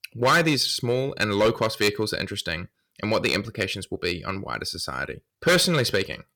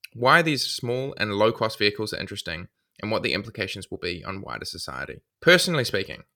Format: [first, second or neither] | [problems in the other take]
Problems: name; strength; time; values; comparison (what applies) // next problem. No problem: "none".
second | distortion; heavy; 4% of the sound clipped